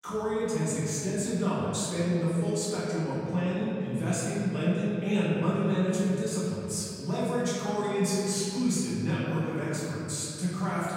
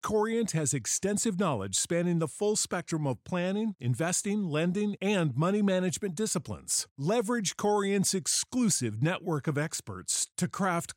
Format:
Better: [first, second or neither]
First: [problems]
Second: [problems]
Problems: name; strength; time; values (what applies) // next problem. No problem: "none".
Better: second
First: off-mic speech; far // room echo; strong; dies away in 2.8 s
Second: none